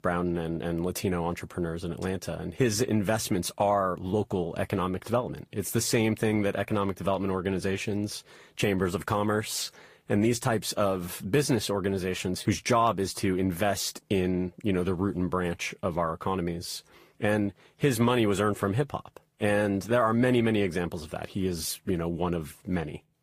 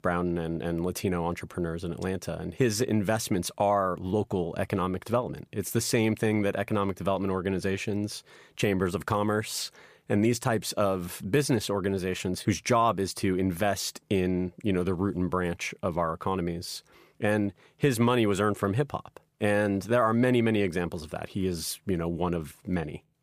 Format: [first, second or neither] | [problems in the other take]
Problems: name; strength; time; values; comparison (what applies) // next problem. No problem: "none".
second | garbled, watery; slightly; nothing above 15 kHz